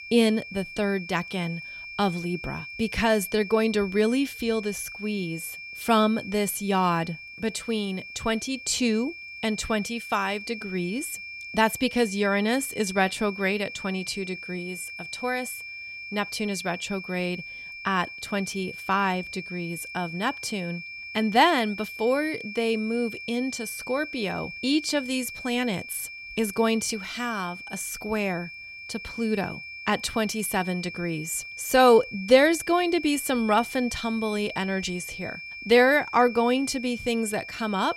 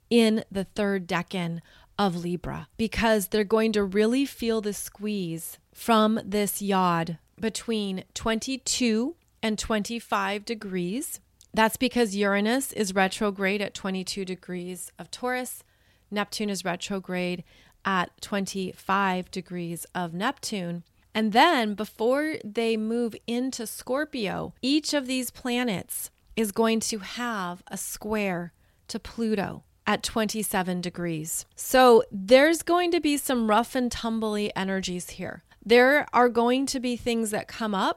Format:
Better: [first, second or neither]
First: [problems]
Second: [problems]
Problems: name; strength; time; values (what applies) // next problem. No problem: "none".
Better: second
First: high-pitched whine; noticeable; throughout; 2.5 kHz, 10 dB below the speech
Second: none